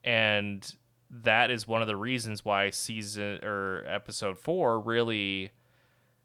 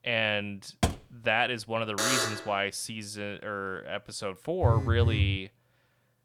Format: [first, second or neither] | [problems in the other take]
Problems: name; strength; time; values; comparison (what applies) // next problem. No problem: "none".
first | door banging; loud; at 1 s; peak level with the speech // alarm; loud; at 2 s; peak 5 dB above the speech // phone ringing; loud; at 4.5 s; peak 5 dB above the speech